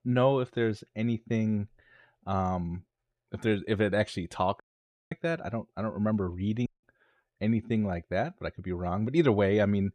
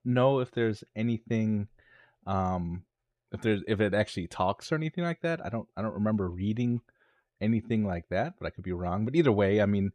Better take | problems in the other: second | audio cutting out; at 4.5 s for 0.5 s and at 6.5 s

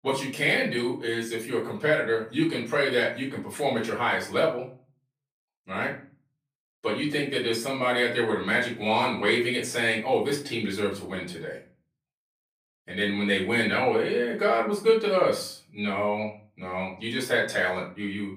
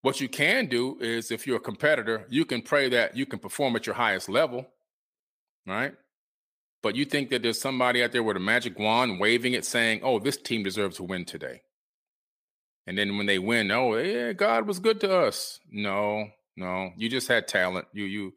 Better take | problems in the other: second | off-mic speech; far // room echo; slight; dies away in 0.4 s

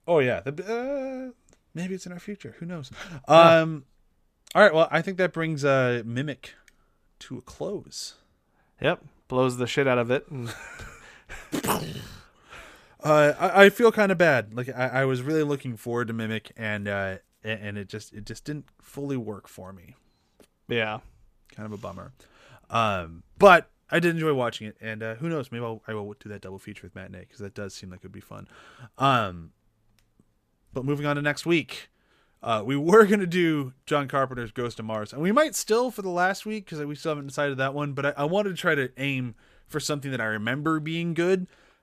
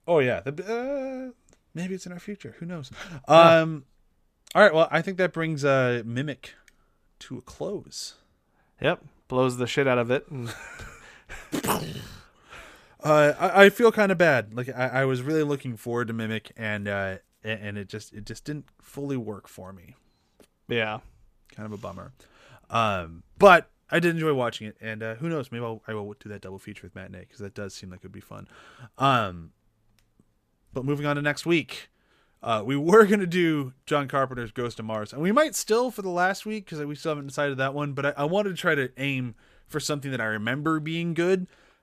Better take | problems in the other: neither | none

